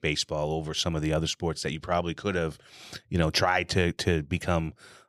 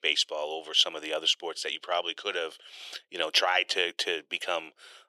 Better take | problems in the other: first | thin; very; fading below 400 Hz

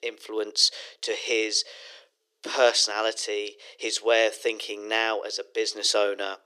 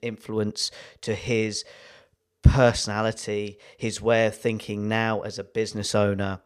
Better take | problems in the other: second | thin; very; fading below 350 Hz

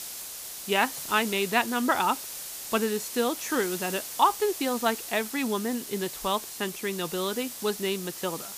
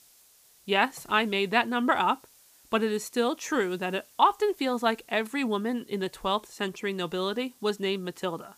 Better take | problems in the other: second | hiss; loud; throughout; 8 dB below the speech; faint in the second

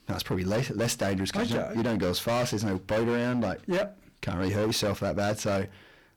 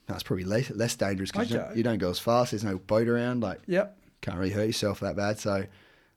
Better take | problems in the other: second | distortion; heavy; 19% of the sound clipped

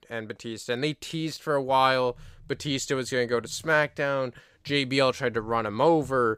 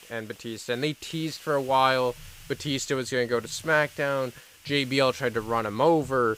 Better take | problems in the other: first | hiss; faint; throughout; 20 dB below the speech

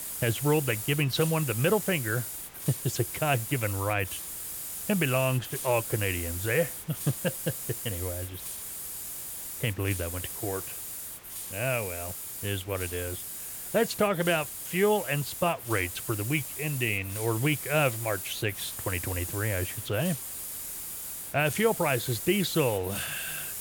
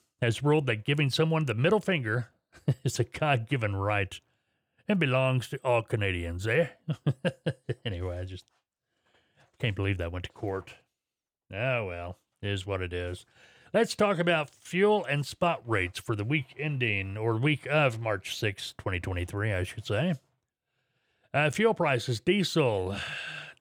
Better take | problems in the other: second | hiss; loud; throughout; 5 dB below the speech

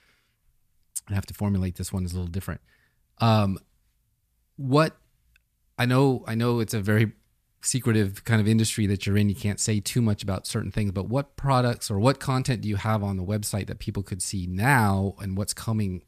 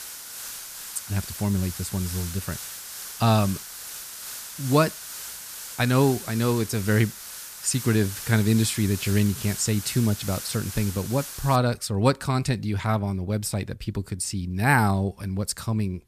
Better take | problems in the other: first | hiss; loud; until 12 s; 10 dB below the speech

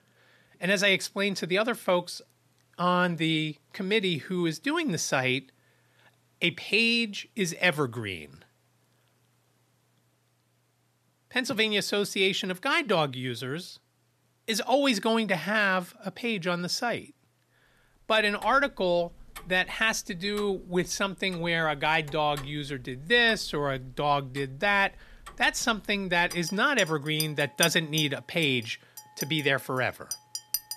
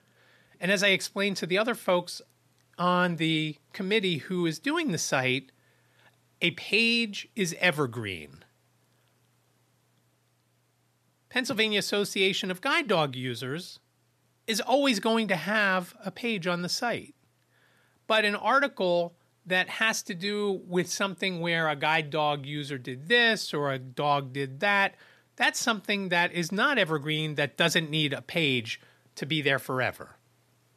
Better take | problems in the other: second | household noises; noticeable; from 18 s on; 15 dB below the speech

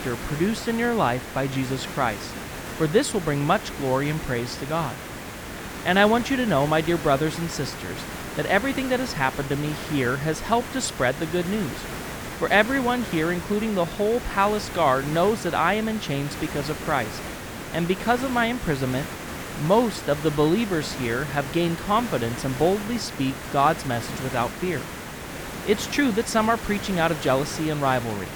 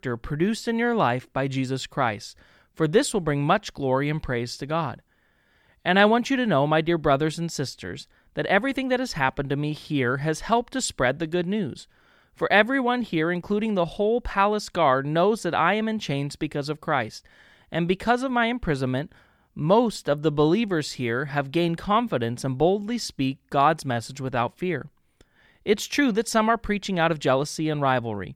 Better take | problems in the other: second | hiss; loud; throughout; 9 dB below the speech

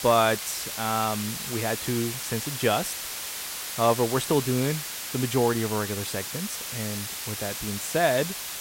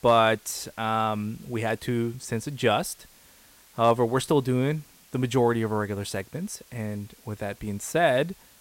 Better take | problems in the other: second | hiss; loud; throughout; 4 dB below the speech; faint in the second

